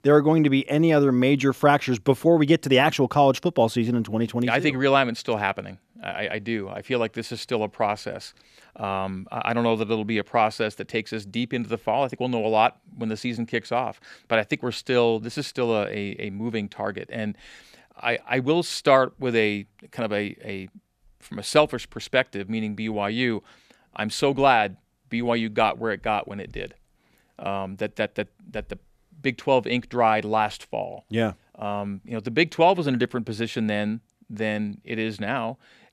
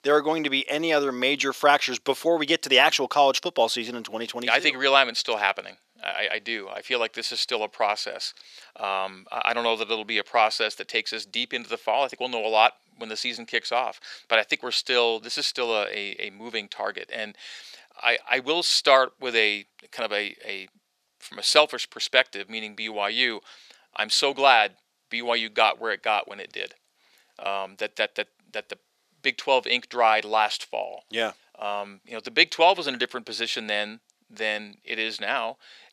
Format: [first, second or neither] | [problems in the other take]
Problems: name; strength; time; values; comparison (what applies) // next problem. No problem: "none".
first | thin; somewhat; fading below 550 Hz